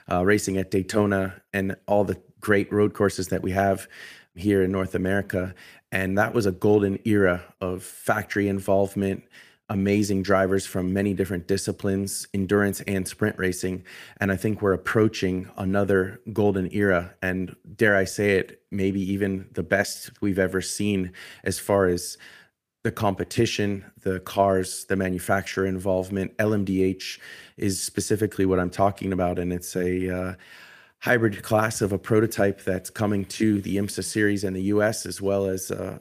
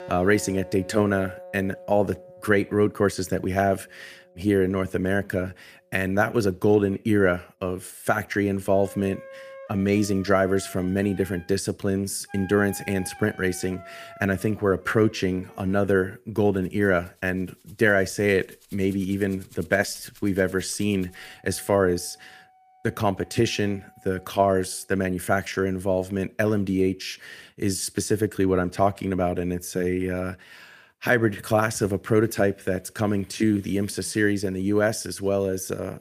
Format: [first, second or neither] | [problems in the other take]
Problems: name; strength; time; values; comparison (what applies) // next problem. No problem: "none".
first | background music; faint; until 25 s; 20 dB below the speech